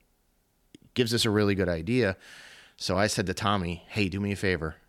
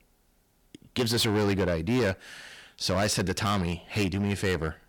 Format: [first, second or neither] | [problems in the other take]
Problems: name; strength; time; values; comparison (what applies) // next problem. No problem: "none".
first | distortion; heavy; 11% of the sound clipped